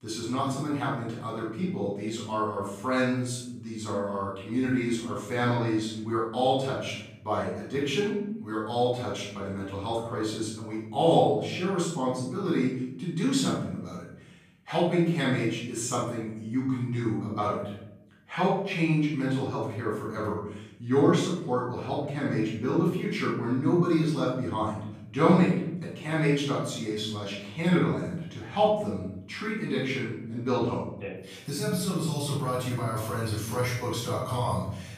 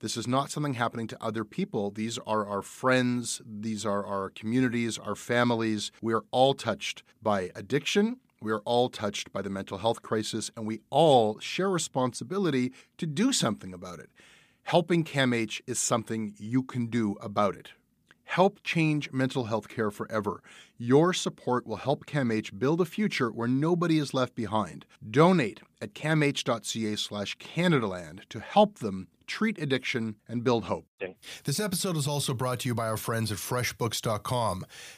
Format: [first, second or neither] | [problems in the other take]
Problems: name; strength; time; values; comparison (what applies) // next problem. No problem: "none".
second | off-mic speech; far // room echo; noticeable; dies away in 0.9 s